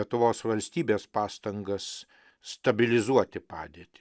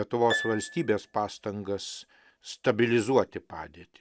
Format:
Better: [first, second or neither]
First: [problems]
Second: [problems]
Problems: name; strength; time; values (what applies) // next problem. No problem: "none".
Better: first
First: none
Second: background sound (Harp); 12 dB below the speech